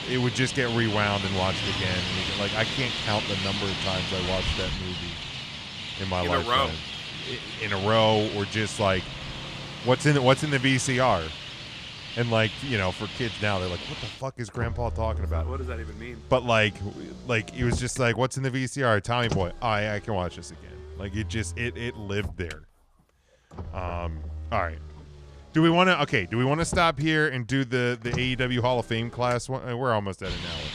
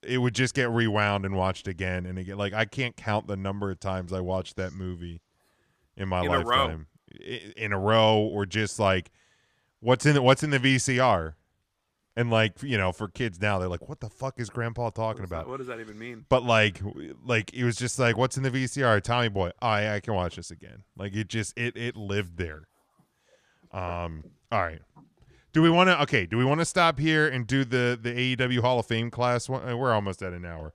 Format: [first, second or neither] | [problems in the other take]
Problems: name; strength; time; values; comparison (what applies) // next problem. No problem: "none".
second | traffic noise; loud; throughout; 6 dB below the speech